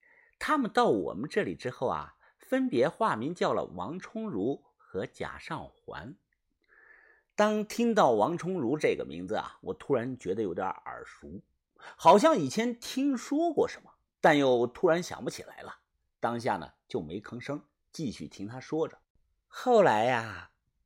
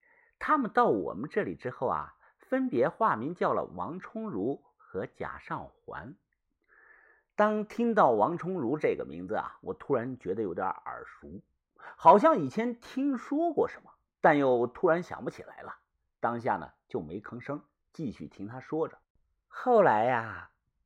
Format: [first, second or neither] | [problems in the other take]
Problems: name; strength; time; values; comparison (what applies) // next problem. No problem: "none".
first | muffled; very; fading above 3 kHz